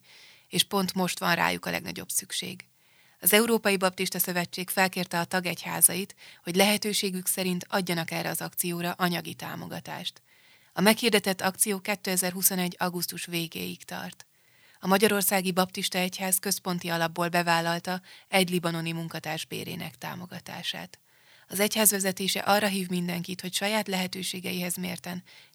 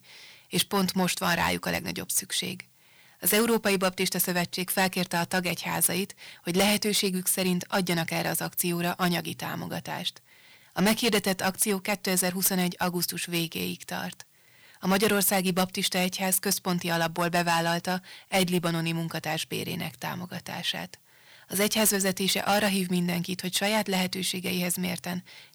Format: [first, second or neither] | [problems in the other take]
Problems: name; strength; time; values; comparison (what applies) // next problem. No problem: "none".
first | distortion; heavy; 8 dB below the speech